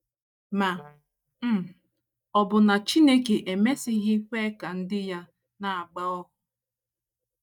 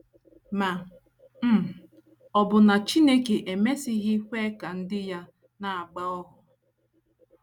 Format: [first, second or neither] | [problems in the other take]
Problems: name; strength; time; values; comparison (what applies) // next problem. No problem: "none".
second | noise reduction (neural mask model DeepFilterNet 3)